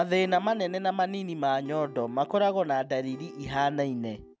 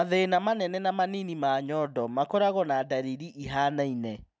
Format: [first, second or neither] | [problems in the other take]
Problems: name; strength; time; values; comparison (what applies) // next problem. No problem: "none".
second | background sound (Acoustic guitar / Strum); 19 dB below the speech